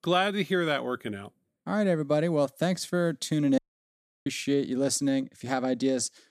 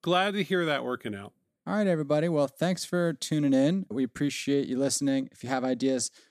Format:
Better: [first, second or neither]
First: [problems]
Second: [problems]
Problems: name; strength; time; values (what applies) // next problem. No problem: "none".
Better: second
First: audio cutting out; at 3.5 s for 0.5 s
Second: none